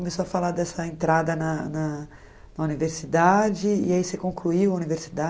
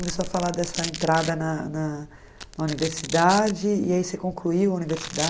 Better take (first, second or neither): first